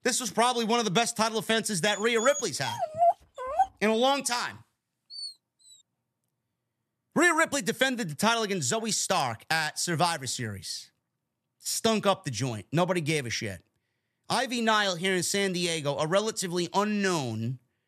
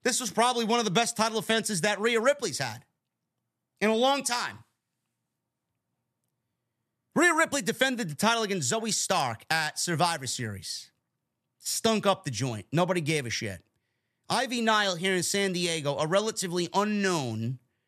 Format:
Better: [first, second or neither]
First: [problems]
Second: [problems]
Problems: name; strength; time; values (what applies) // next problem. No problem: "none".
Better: second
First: dog barking; loud; from 2 to 5.5 s; peak 2 dB above the speech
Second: none